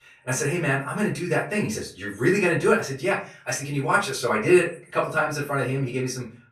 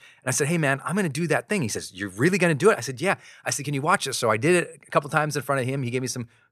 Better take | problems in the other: second | off-mic speech; far // room echo; slight; dies away in 0.3 s

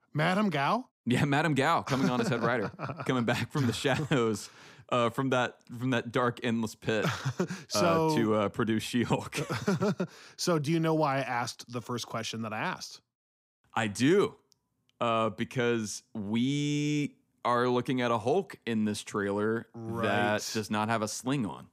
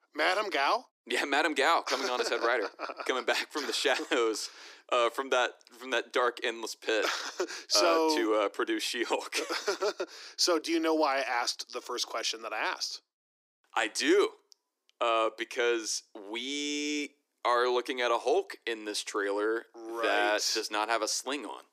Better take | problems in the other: first | thin; very; fading below 300 Hz

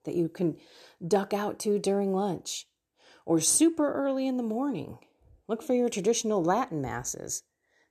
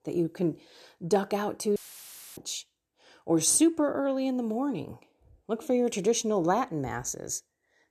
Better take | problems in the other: first | audio cutting out; filled with static; at 2 s for 0.5 s

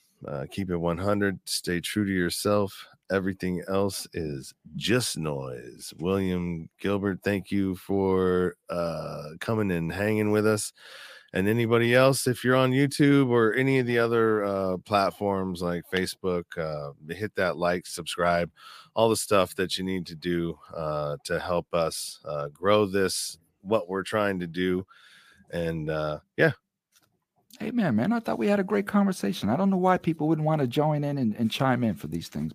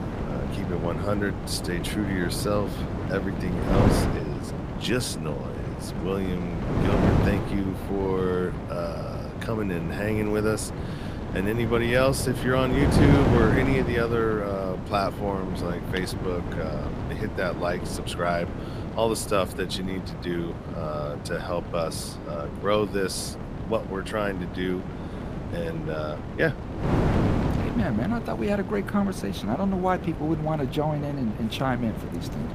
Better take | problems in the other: first | wind noise on the microphone; heavy; 5 dB below the speech

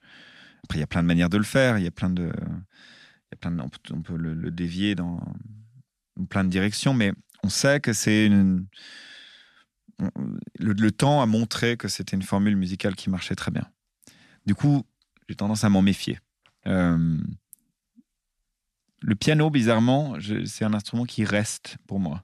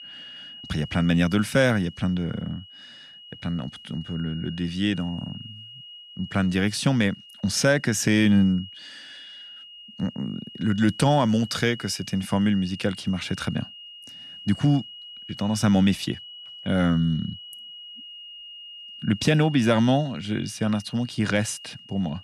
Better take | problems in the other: first | high-pitched whine; noticeable; throughout; 3 kHz, 15 dB below the speech

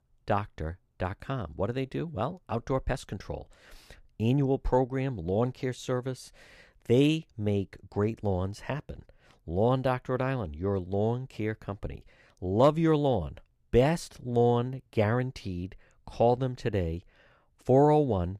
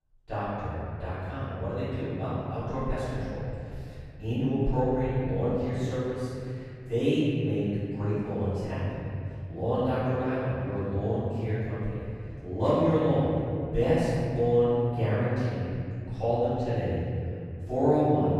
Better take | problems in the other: first | off-mic speech; far // room echo; strong; dies away in 3 s

